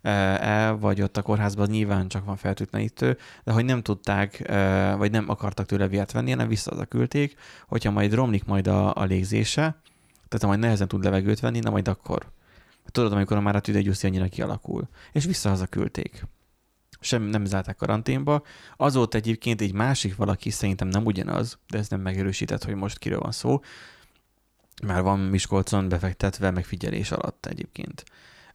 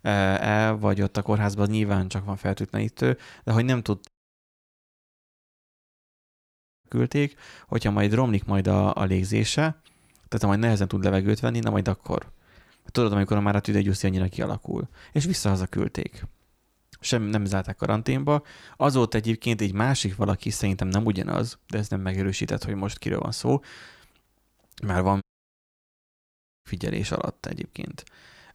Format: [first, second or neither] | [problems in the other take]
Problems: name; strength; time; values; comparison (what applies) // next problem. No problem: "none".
first | audio cutting out; at 4 s for 3 s and at 25 s for 1.5 s